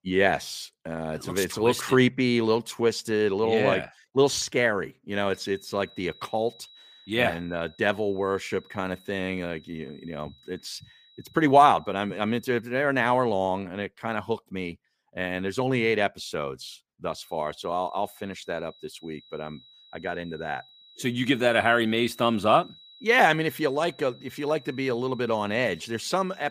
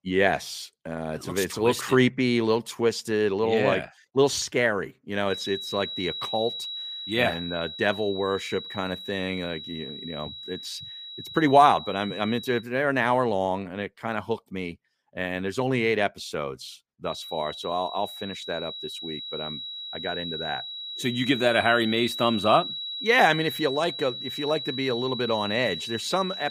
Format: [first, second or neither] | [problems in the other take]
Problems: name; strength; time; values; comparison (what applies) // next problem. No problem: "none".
first | high-pitched whine; loud; from 5.5 to 13 s and from 17 s on; 4 kHz, 8 dB below the speech; faint in the first